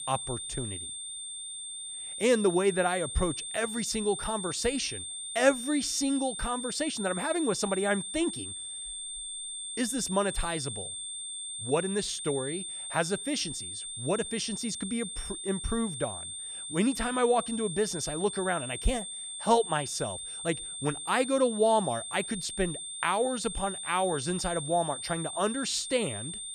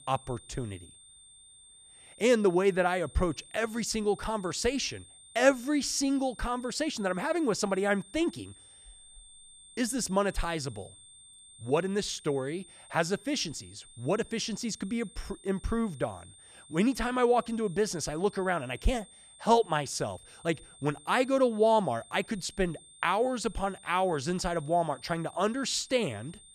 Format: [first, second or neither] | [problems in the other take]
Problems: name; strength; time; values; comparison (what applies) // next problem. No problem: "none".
second | high-pitched whine; loud; throughout; 8.5 kHz, 6 dB below the speech; faint in the second